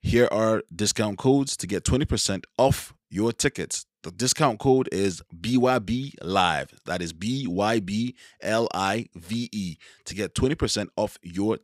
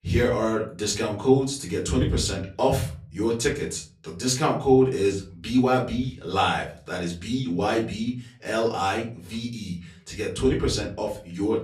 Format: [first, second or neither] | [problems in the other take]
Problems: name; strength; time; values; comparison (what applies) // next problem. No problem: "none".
first | off-mic speech; far // room echo; slight; dies away in 0.4 s